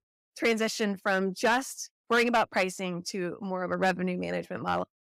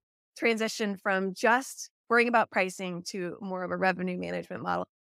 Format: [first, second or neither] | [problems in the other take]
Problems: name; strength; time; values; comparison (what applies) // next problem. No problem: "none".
second | distortion; slight; 3% of the sound clipped